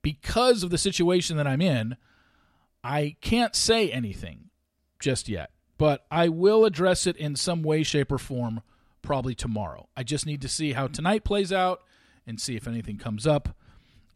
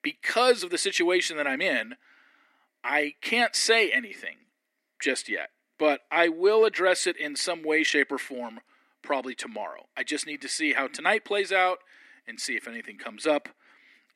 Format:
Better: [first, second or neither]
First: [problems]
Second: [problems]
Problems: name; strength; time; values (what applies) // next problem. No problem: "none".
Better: first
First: none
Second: thin; somewhat; fading below 300 Hz